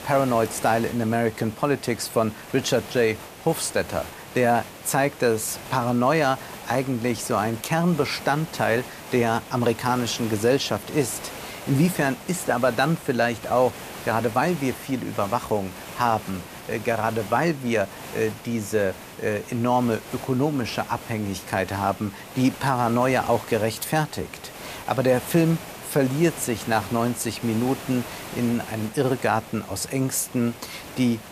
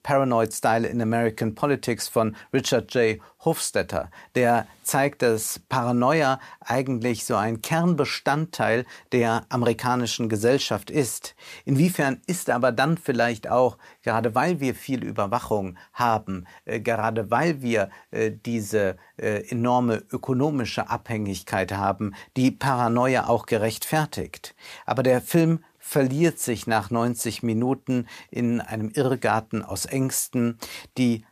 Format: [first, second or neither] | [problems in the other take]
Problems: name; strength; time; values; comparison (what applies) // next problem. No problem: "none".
second | hiss; noticeable; throughout; 15 dB below the speech